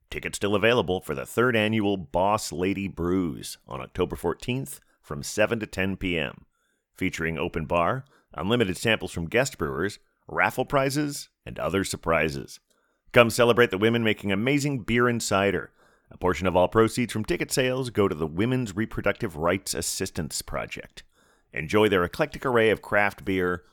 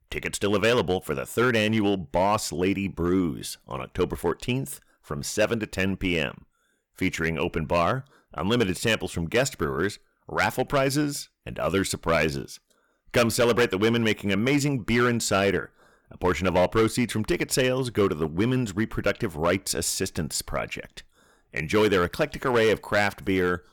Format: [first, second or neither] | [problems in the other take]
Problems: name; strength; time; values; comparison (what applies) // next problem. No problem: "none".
first | distortion; slight; 4% of the sound clipped